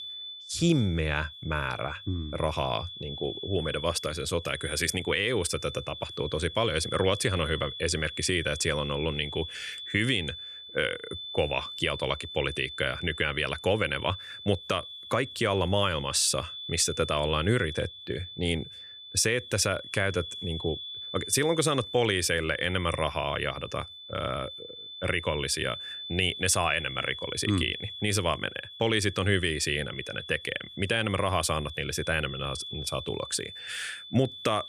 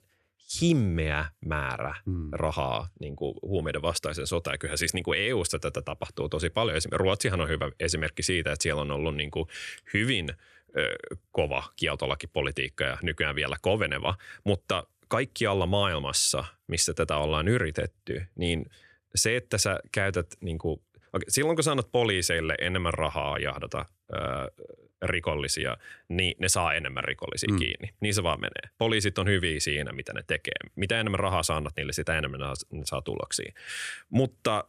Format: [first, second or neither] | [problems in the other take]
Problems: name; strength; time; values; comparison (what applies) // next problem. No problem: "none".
second | high-pitched whine; noticeable; throughout; 3.5 kHz, 10 dB below the speech